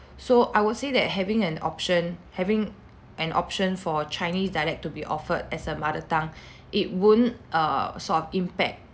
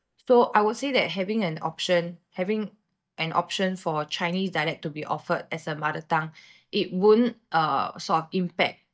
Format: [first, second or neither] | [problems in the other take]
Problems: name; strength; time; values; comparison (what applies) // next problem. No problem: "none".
first | noise reduction (neural mask model DeepFilterNet 3)